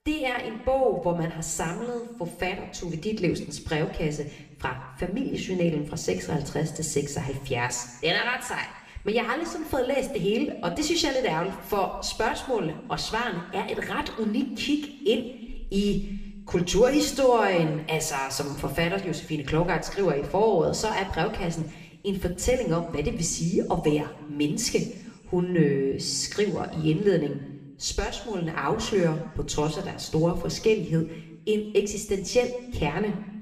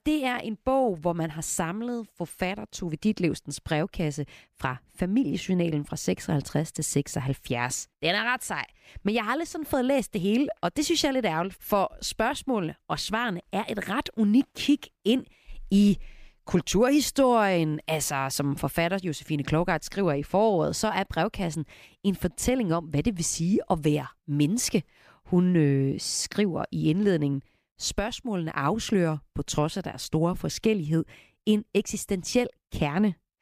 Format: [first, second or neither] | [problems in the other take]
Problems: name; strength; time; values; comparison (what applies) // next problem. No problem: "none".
second | room echo; slight; dies away in 0.9 s